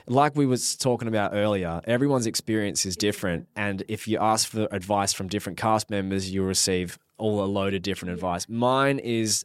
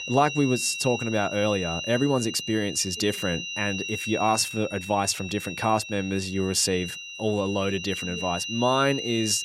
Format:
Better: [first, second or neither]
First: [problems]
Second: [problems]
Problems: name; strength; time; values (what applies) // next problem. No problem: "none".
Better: first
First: none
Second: high-pitched whine; loud; throughout; 3 kHz, 7 dB below the speech